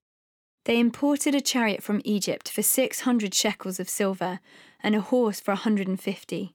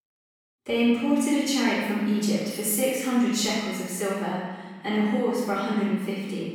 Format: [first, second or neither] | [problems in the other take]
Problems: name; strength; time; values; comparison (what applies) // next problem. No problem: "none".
first | off-mic speech; far // room echo; strong; dies away in 1.4 s